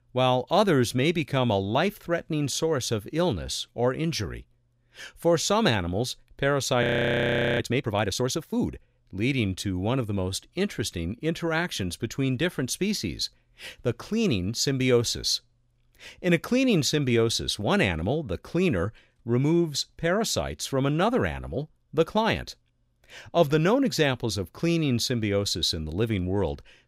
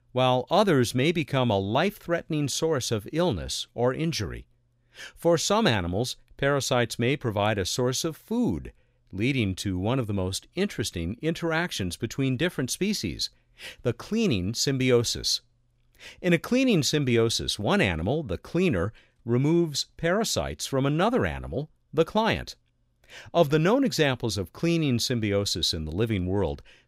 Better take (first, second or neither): second